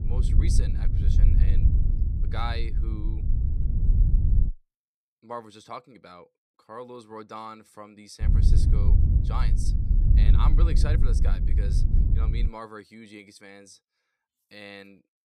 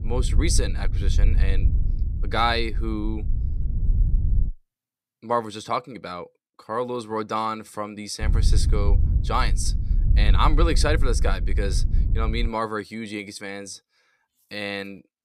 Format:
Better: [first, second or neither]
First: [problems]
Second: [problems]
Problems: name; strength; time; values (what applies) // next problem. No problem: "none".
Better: second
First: wind noise on the microphone; heavy; until 4.5 s and from 8 to 12 s; 2 dB below the speech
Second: wind noise on the microphone; occasional gusts; until 4.5 s and from 8 to 12 s; 15 dB below the speech